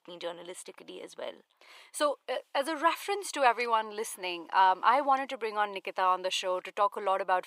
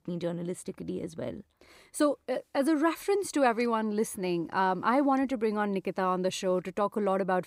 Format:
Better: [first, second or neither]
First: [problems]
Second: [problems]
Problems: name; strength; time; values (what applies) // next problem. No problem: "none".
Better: second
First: thin; very; fading below 650 Hz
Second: none